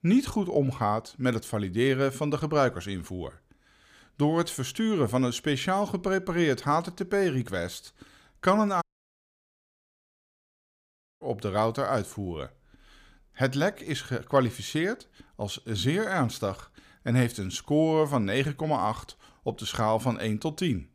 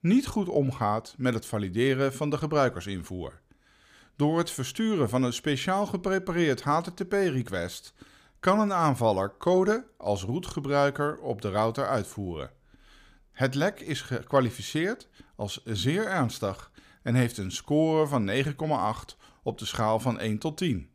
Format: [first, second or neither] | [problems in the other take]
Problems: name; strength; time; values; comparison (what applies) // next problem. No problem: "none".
second | audio cutting out; at 9 s for 2.5 s